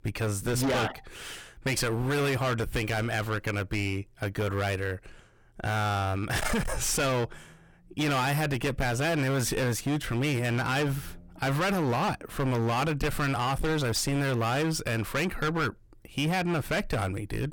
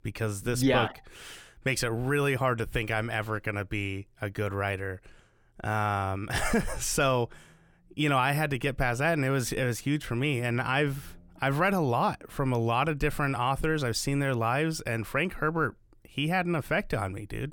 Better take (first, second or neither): second